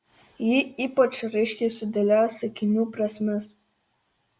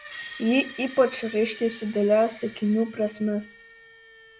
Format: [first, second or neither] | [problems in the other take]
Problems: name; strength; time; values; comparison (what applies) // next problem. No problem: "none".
first | background sound (Screech); 18 dB below the speech